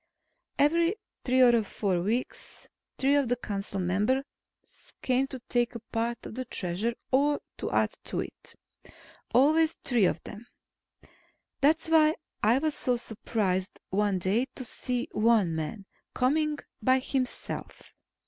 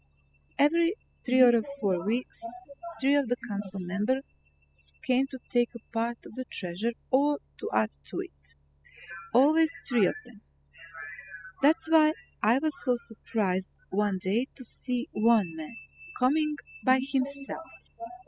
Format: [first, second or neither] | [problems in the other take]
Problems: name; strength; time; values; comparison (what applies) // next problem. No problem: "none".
first | noise reduction (classical method spectral subtraction)